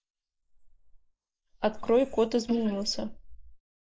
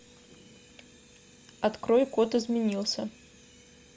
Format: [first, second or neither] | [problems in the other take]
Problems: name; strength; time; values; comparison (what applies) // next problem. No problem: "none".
second | noise reduction (neural mask model Resemble Enhance denoiser)